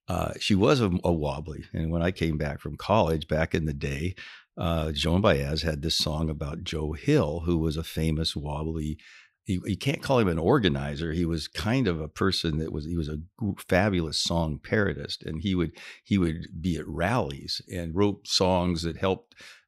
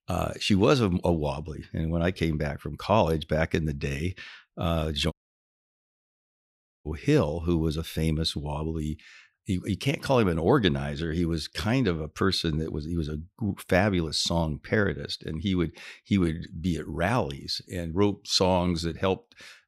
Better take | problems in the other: first | audio cutting out; at 5 s for 1.5 s

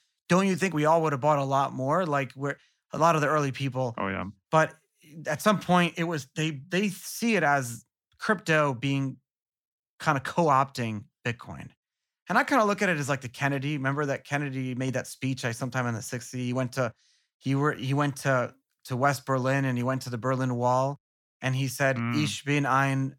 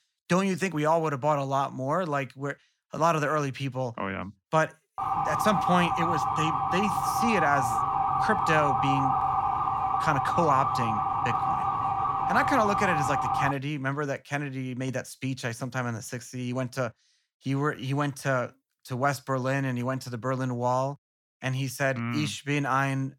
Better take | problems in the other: first | siren; loud; from 5 to 14 s; peak 3 dB above the speech

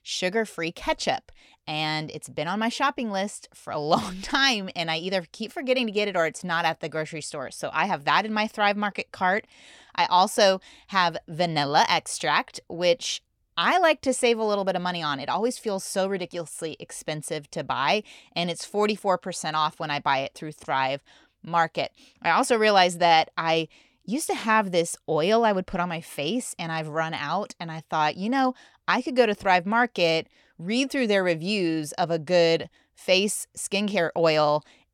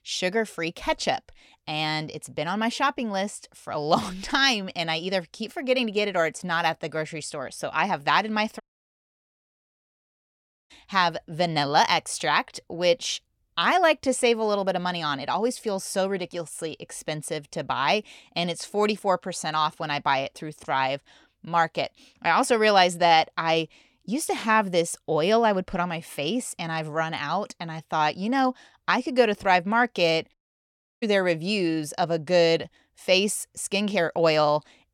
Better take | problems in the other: first | audio cutting out; at 8.5 s for 2 s and at 30 s for 0.5 s

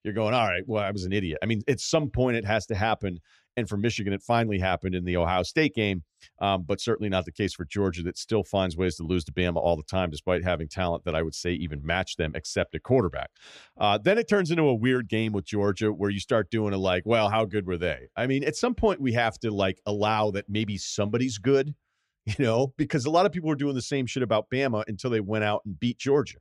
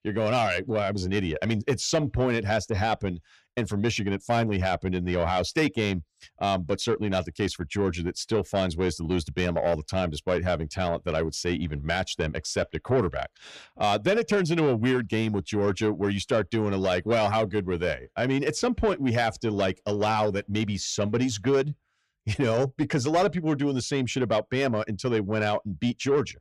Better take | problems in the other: first | distortion; slight; 10 dB below the speech

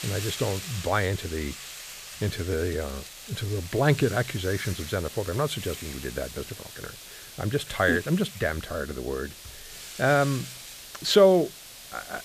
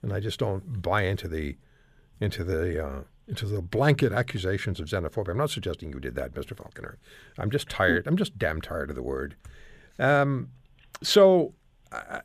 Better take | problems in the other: second | hiss; noticeable; throughout; 10 dB below the speech

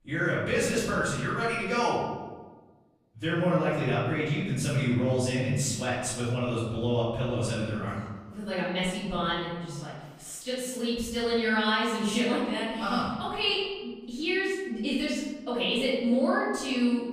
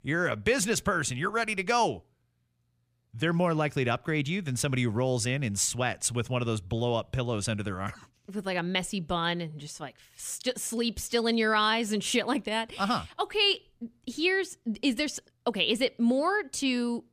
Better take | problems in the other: second | off-mic speech; far // room echo; strong; dies away in 1.2 s

